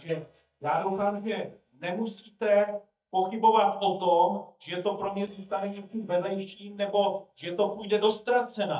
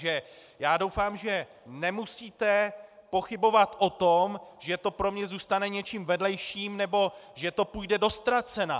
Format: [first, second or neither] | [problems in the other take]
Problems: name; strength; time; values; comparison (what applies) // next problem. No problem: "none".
second | noise reduction (neural mask model DeepFilterNet 3)